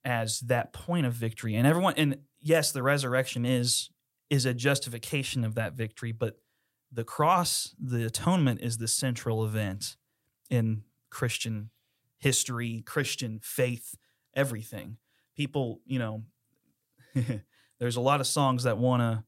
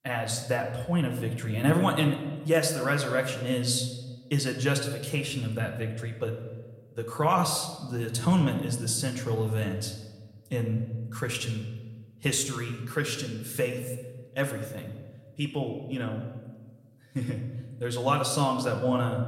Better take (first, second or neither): first